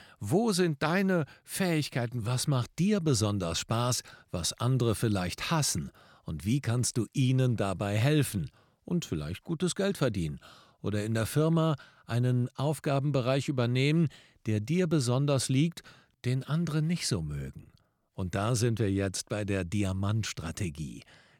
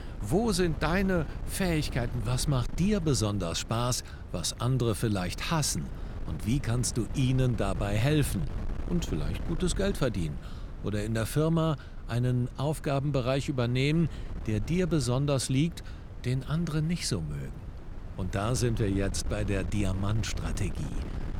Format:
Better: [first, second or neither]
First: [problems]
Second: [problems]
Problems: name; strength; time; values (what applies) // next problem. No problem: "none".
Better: first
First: none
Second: wind noise on the microphone; occasional gusts; 15 dB below the speech